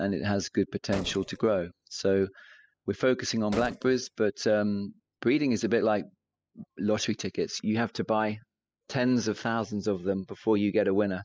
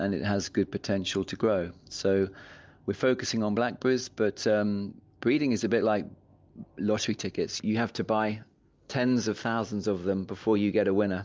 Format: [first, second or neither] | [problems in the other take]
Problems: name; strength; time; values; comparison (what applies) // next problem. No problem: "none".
second | noise reduction (classical method spectral subtraction)